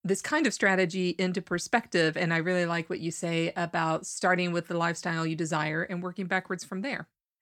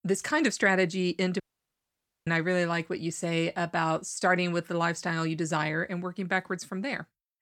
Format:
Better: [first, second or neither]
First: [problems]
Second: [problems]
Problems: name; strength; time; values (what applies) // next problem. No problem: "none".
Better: first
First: none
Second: audio cutting out; at 1.5 s for 1 s